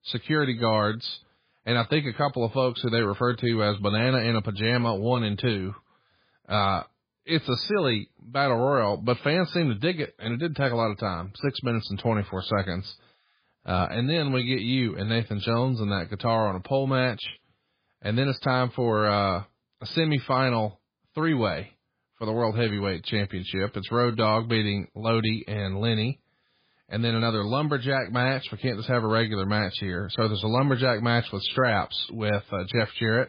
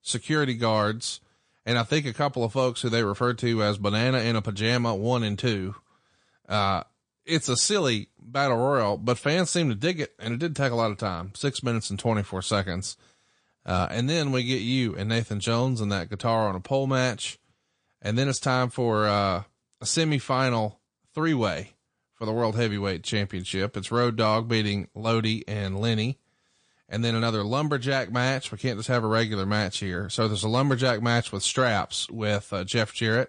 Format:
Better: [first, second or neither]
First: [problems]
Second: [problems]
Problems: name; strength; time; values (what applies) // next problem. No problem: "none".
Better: second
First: garbled, watery; badly; nothing above 4 kHz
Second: garbled, watery; slightly; nothing above 9.5 kHz